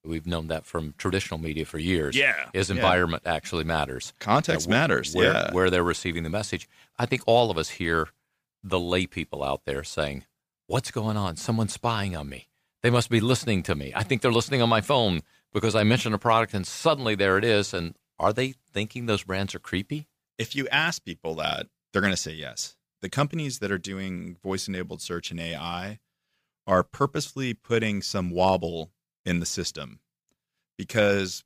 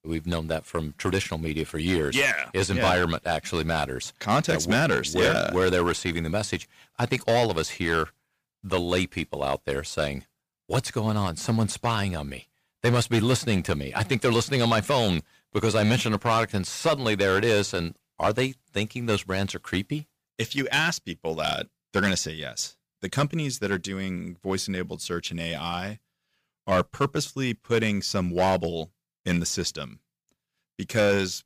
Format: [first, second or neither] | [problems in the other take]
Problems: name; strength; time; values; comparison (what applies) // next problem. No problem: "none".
first | distortion; slight; 4% of the sound clipped